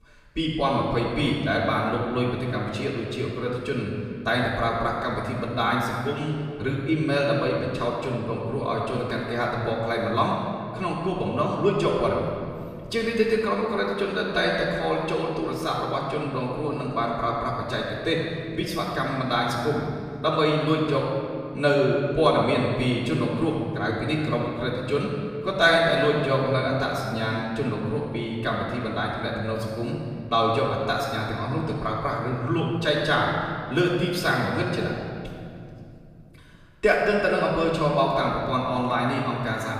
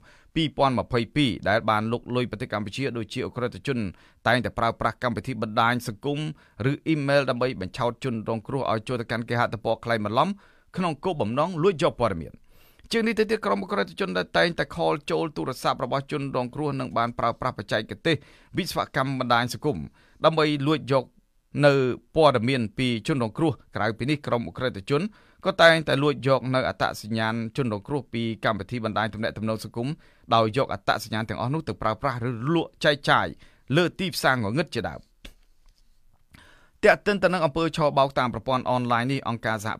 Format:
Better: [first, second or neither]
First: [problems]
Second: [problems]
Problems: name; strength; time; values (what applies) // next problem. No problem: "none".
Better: second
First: off-mic speech; far // room echo; noticeable; dies away in 2.1 s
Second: none